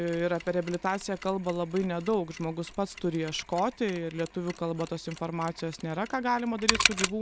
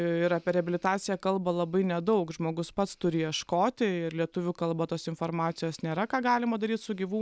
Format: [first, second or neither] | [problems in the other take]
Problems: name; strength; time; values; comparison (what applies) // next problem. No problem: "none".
second | background sound (Mechanisms); 6 dB below the speech